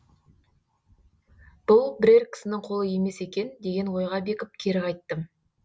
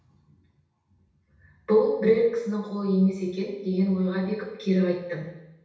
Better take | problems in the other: first | room echo; dies away in 0.9 s

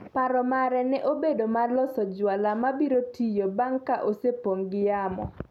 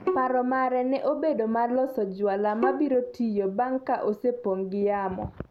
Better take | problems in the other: first | background sound (Bowed string instrument); 11 dB below the speech

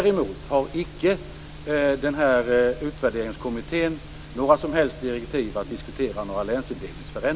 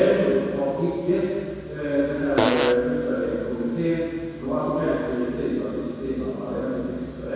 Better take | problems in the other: first | background sound (Fart); 5 dB below the speech // room echo; dies away in 2 s

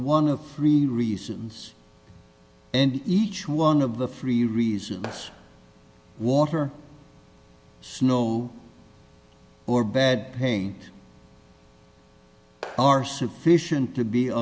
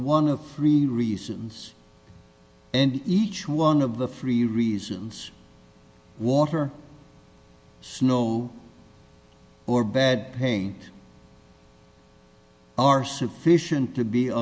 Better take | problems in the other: second | background sound (Clapping); 17 dB below the speech

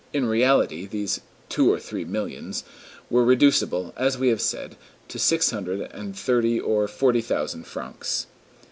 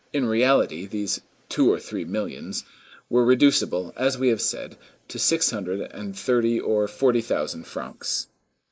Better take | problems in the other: first | noise reduction (neural mask model Resemble Enhance denoiser)

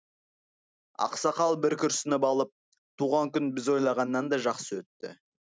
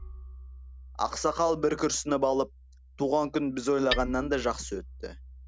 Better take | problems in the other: first | background sound (Hammer); 12 dB below the speech

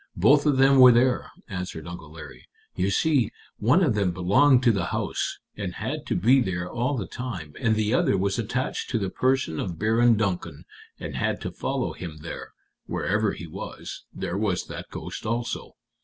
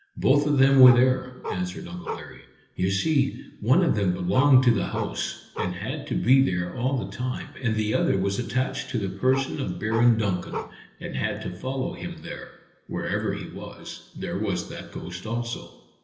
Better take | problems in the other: first | background sound (Bark); 11 dB below the speech // room echo; dies away in 0.8 s

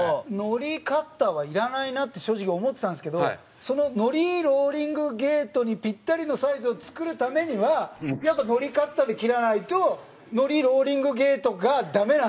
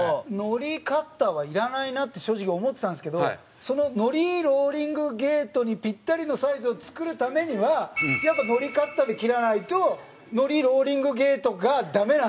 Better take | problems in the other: second | noise reduction (neural mask model Resemble Enhance denoiser)

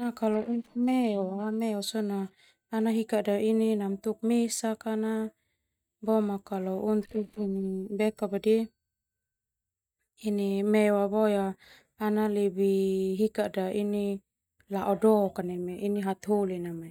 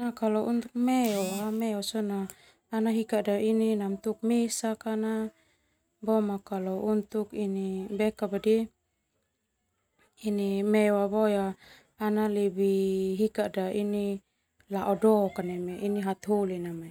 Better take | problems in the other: second | noise reduction (neural mask model DeepFilterNet 3)

